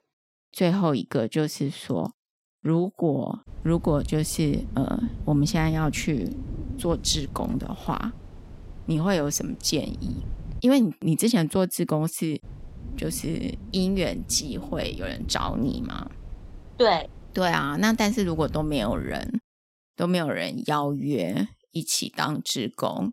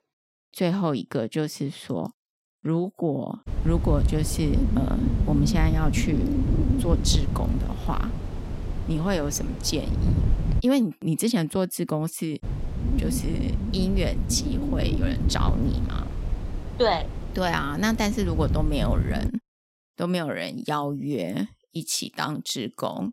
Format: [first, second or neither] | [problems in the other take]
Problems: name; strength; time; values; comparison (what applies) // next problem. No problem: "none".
first | wind noise on the microphone; heavy; from 3.5 to 11 s and from 12 to 19 s; 8 dB below the speech; occasional gusts in the first